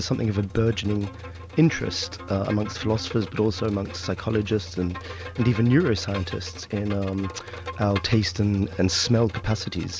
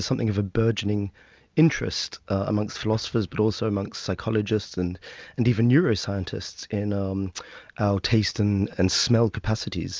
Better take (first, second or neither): second